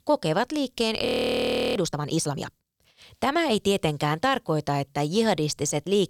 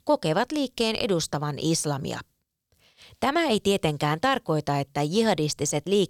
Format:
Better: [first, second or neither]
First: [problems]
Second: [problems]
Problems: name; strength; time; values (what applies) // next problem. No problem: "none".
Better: second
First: audio freezing; at 1 s for 0.5 s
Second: none